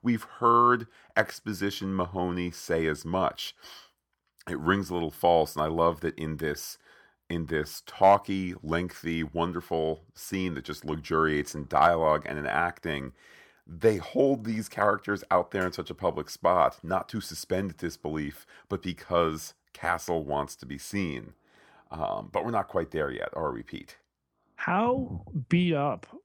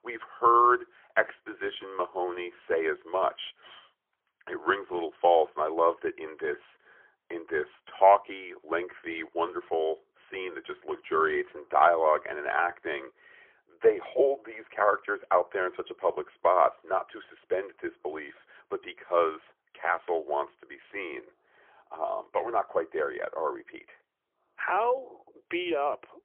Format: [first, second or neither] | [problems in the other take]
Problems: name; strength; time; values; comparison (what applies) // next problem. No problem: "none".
first | phone-call audio; poor line; nothing above 3.5 kHz